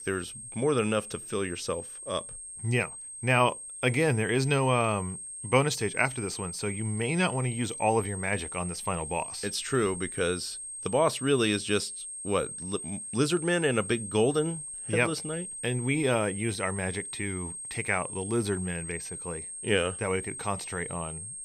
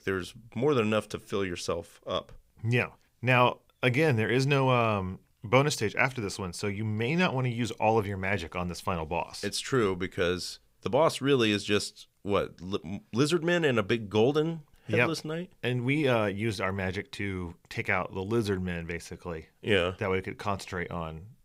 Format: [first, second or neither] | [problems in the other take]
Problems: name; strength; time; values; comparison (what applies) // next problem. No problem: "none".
second | high-pitched whine; loud; throughout; 8.5 kHz, 8 dB below the speech